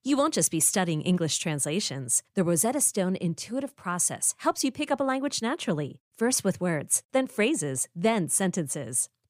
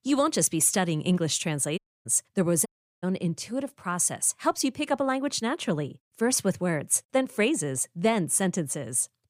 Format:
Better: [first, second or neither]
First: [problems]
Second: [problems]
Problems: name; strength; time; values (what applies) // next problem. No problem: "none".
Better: first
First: none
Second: audio cutting out; at 2 s and at 2.5 s